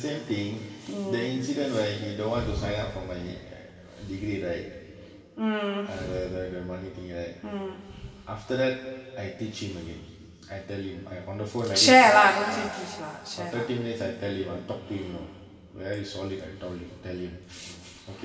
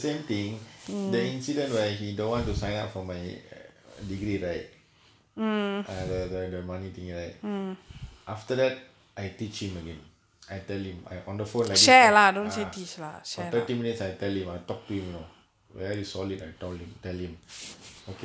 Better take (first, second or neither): second